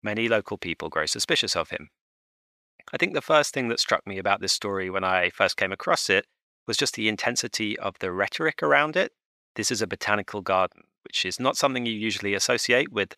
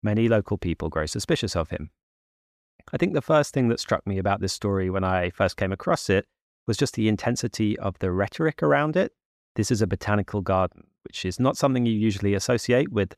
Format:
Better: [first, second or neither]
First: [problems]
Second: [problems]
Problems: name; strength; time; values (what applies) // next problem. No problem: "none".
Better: second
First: thin; somewhat; fading below 850 Hz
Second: none